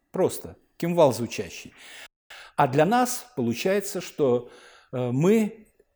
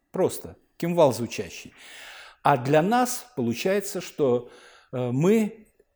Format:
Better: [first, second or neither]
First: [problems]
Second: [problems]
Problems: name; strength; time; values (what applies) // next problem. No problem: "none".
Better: second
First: audio freezing; at 2 s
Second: none